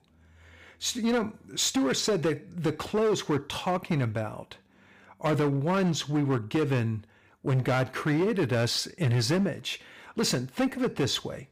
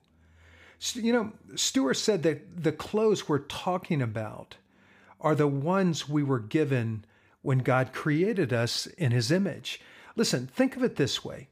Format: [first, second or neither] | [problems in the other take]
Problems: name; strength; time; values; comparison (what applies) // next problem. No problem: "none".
second | distortion; slight; 11% of the sound clipped